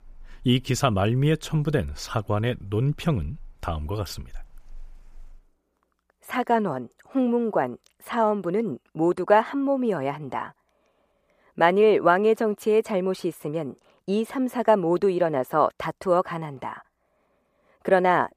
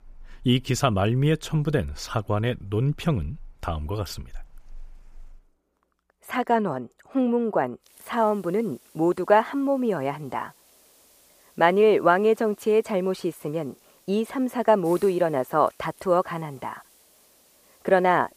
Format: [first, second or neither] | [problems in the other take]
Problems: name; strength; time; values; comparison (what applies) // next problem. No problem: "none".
first | hiss; faint; from 8 s on; 30 dB below the speech